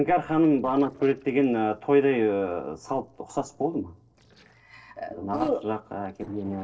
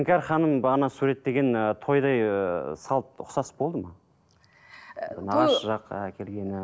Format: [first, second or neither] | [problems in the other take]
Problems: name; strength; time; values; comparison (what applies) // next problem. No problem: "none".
second | noise reduction (neural separator model SepFormer DNS4)